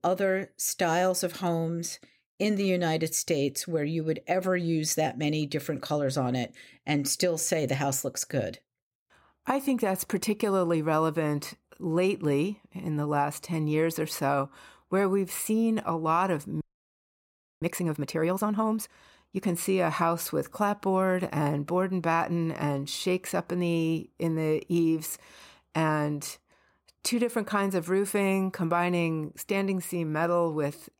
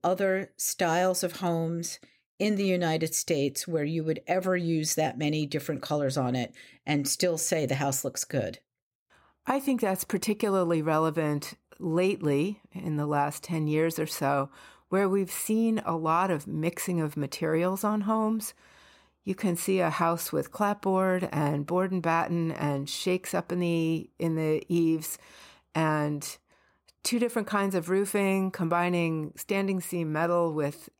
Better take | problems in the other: second | audio freezing; at 17 s for 1 s

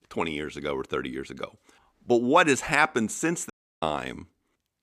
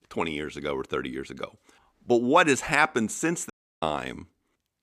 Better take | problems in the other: neither | audio cutting out; at 3.5 s; the same in both

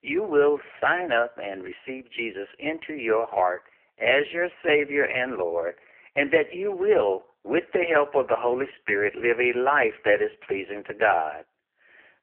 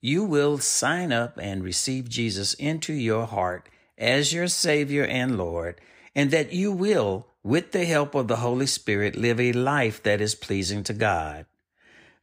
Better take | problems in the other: second | phone-call audio; poor line; nothing above 3 kHz

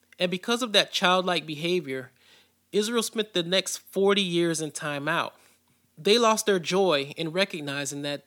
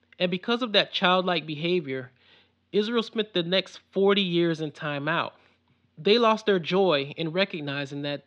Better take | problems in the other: first | muffled; very slightly; fading above 3.5 kHz

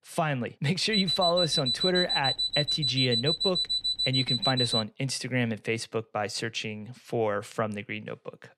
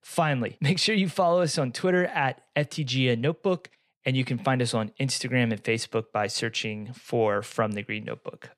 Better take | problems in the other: second | alarm; loud; from 1 to 5 s; peak 4 dB above the speech

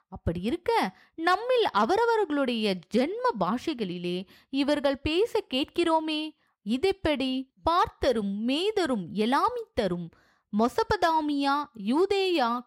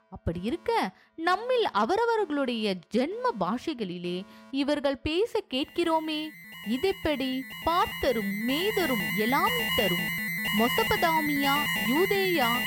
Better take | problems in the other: first | alarms or sirens; loud; throughout; 1 dB below the speech

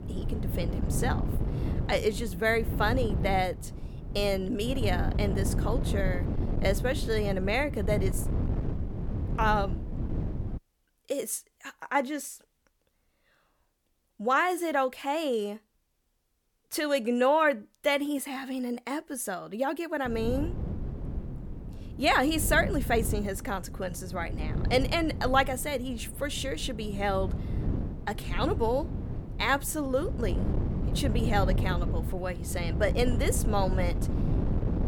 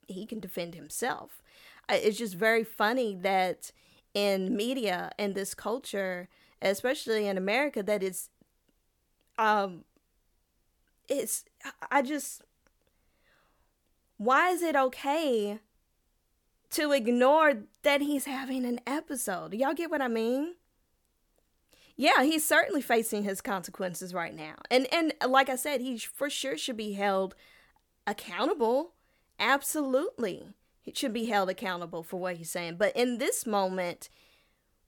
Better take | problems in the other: second | wind noise on the microphone; occasional gusts; until 11 s and from 20 s on; 15 dB below the speech

